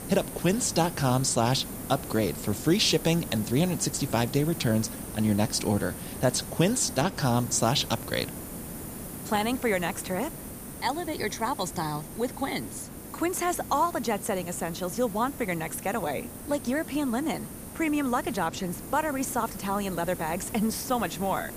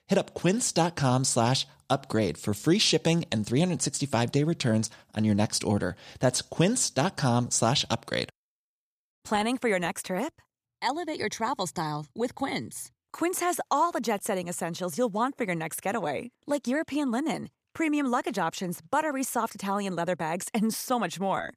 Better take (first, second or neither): second